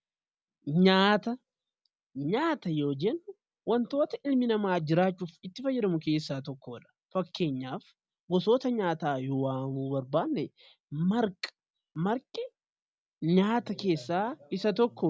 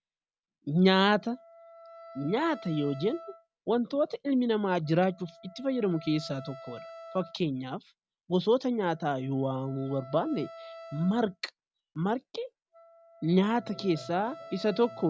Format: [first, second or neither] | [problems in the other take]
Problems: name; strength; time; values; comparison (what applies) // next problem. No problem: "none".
first | background sound (Wind instrument, woodwind instrument); 19 dB below the speech